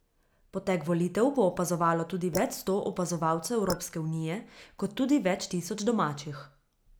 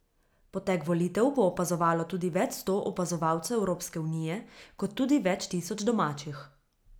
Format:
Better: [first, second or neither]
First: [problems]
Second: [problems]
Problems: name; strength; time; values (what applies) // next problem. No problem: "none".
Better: second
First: noise reduction (neural mask model Resemble Enhance denoiser)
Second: none